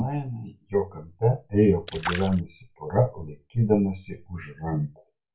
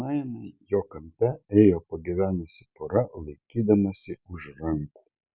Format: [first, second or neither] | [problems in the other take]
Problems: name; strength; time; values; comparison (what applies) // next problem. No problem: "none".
second | background sound (Splash, splatter); 12 dB below the speech // room echo; dies away in 0.2 s